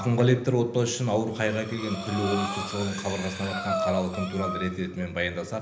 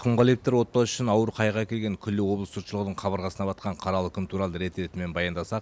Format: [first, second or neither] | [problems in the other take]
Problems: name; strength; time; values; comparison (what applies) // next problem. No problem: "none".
second | background sound (Breathing); 8 dB below the speech // room echo; dies away in 0.8 s